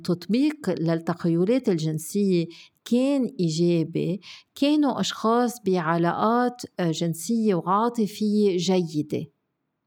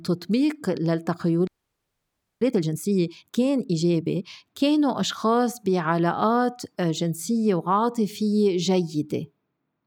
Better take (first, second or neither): first